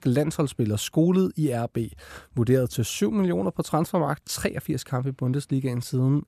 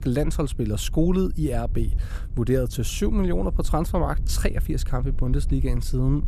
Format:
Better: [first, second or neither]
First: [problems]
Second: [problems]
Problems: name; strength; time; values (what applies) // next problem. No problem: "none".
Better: first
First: none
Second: wind noise on the microphone; occasional gusts; 20 dB below the speech